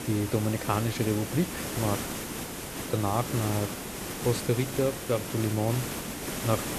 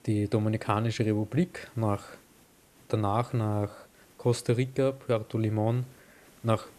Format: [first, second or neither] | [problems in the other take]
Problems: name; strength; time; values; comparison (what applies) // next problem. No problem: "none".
second | hiss; loud; throughout; 4 dB below the speech; faint in the second